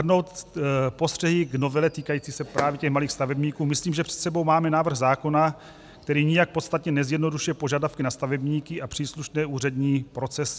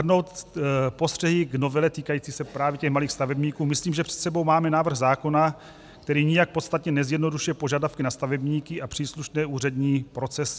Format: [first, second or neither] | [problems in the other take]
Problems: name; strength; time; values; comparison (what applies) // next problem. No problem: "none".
second | background sound (Fireworks); 14 dB below the speech